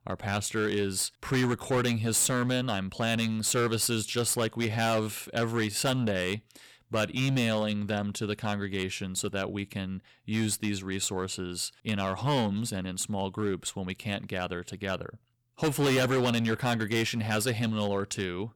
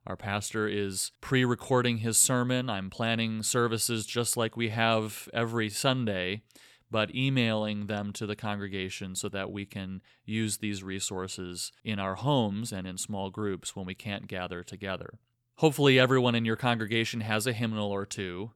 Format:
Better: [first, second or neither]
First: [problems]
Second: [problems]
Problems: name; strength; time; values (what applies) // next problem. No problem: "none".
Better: second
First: distortion; heavy; 9% of the sound clipped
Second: none